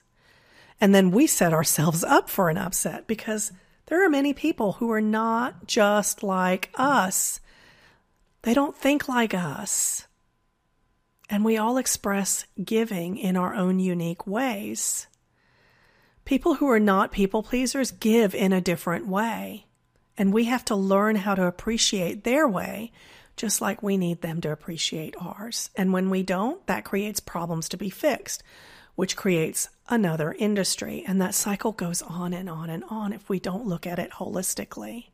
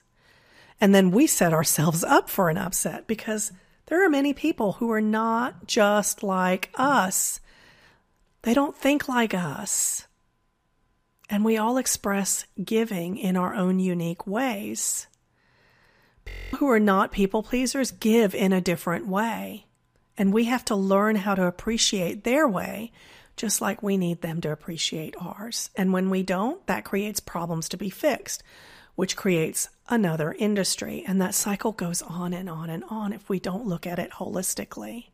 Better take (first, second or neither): first